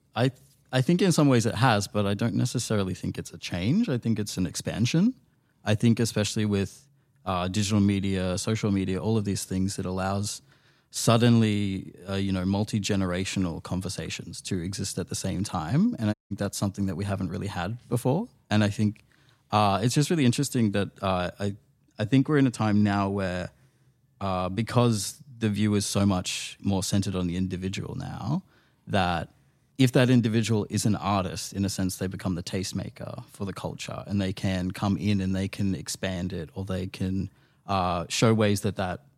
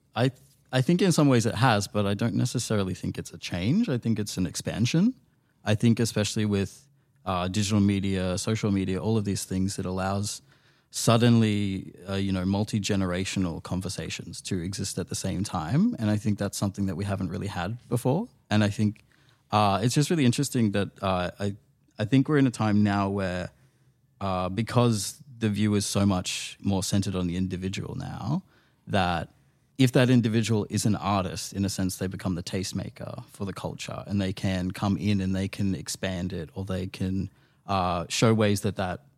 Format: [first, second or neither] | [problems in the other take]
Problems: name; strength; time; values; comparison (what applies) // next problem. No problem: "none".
second | audio cutting out; at 16 s